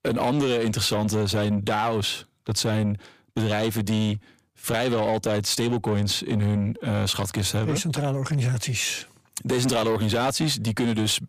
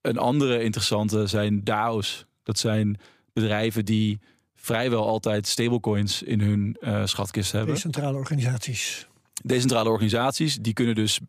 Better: second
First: distortion; slight; 10 dB below the speech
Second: none

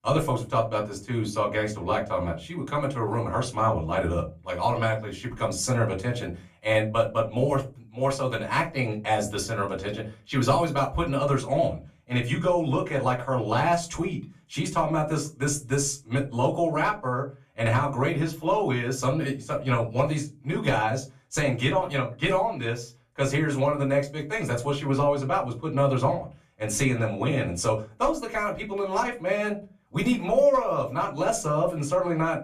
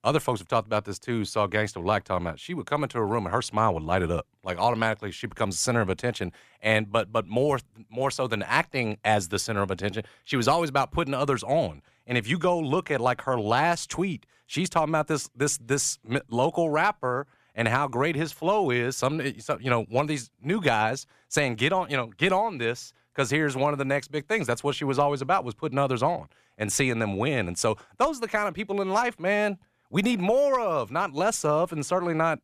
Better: second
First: off-mic speech; far // room echo; very slight; dies away in 0.3 s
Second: none

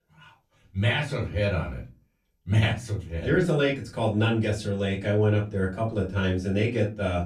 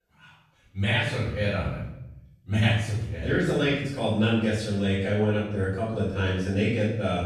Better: first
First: room echo; slight; dies away in 0.3 s // off-mic speech; far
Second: room echo; strong; dies away in 0.8 s // off-mic speech; far

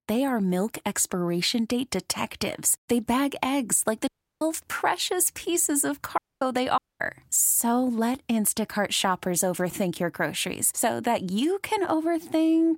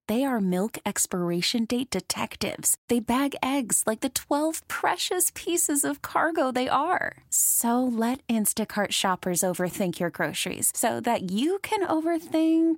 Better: second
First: audio cutting out; at 4 s, at 6 s and at 7 s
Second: none

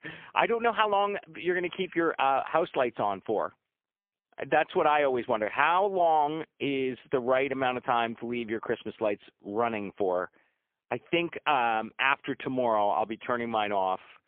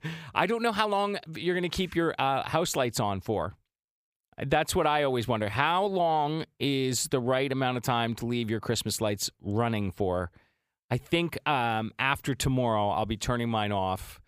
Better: second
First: phone-call audio; poor line; nothing above 3.5 kHz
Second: none

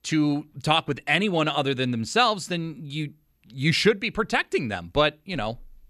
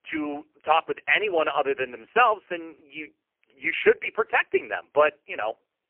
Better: first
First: none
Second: phone-call audio; poor line; nothing above 3 kHz

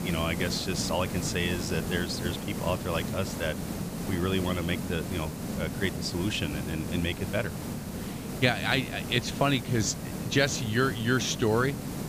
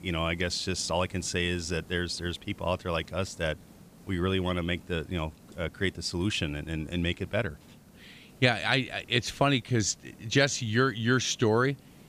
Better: second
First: hiss; loud; throughout; 5 dB below the speech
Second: hiss; faint; throughout; 25 dB below the speech

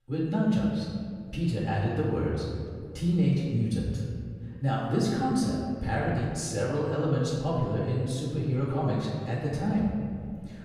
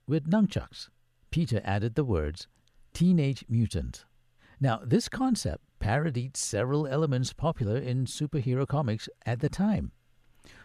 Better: second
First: off-mic speech; far // room echo; noticeable; dies away in 2 s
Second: none

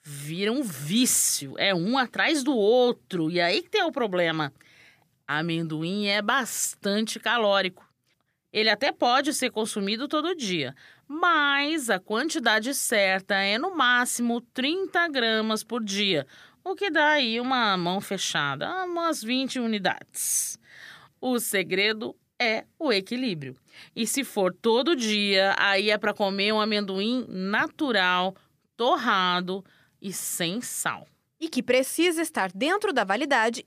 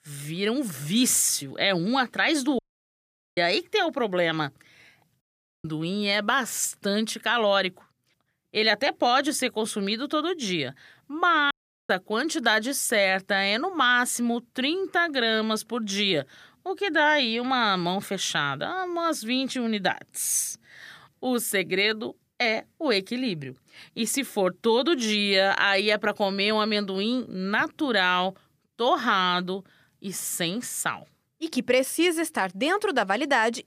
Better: first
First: none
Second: audio cutting out; at 2.5 s for 1 s, at 5 s and at 12 s

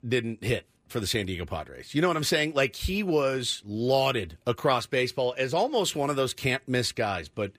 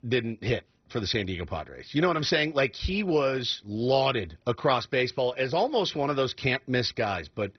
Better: first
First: none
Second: garbled, watery; badly; nothing above 6 kHz

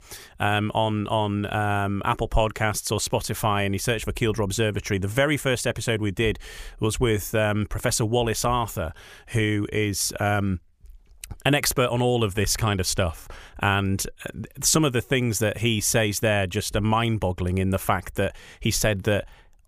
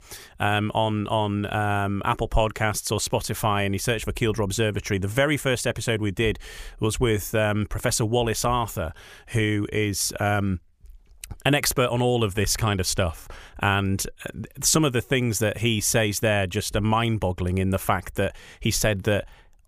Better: neither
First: none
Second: none

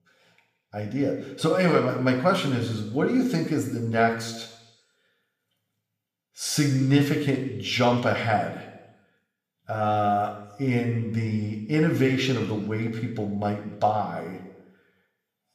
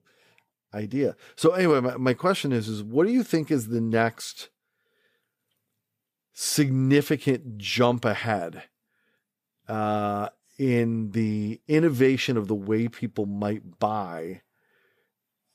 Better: second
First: room echo; slight; dies away in 0.9 s // off-mic speech; somewhat distant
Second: none

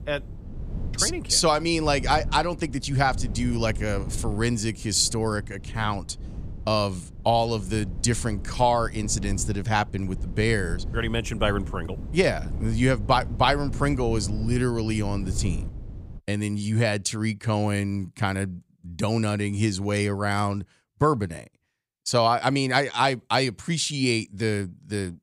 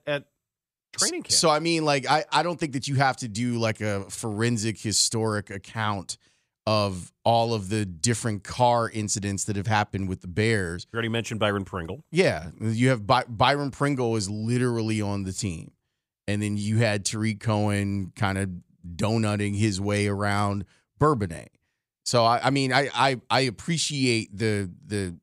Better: second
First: wind noise on the microphone; occasional gusts; until 16 s; 20 dB below the speech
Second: none

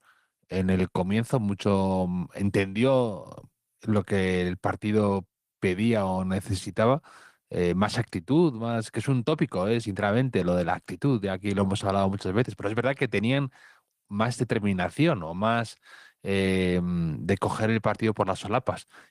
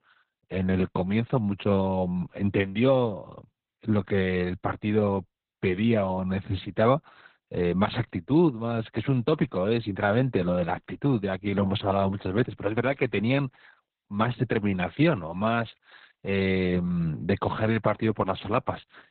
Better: first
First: garbled, watery; slightly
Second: garbled, watery; badly; nothing above 4 kHz

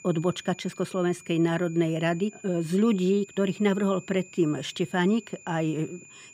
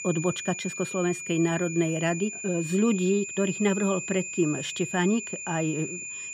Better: first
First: high-pitched whine; faint; throughout; 2.5 kHz, 20 dB below the speech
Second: high-pitched whine; loud; throughout; 2.5 kHz, 7 dB below the speech

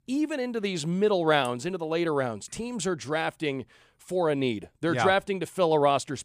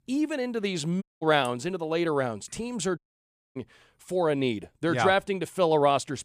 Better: first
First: none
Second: audio cutting out; at 1 s and at 3 s for 0.5 s

